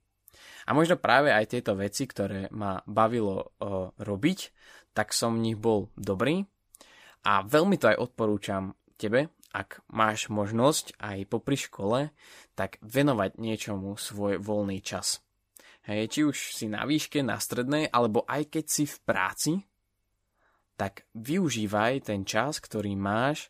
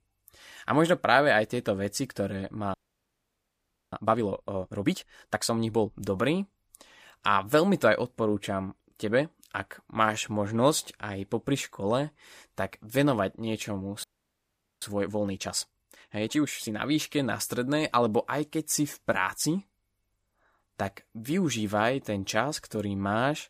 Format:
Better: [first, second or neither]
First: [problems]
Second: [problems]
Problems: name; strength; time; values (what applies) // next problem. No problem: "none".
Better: first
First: none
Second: audio freezing; at 2.5 s for 1 s and at 14 s for 1 s